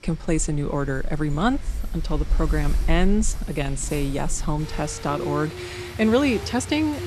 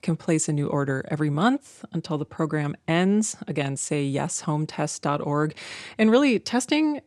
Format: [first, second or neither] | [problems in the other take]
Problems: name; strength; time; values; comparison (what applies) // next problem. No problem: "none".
second | rain or running water; loud; throughout; 7 dB below the speech